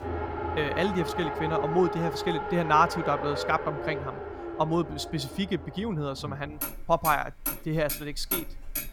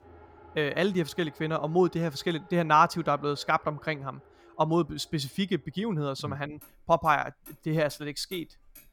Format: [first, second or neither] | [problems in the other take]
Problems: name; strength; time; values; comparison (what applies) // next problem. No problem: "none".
second | traffic noise; loud; throughout; 5 dB below the speech; faint in the second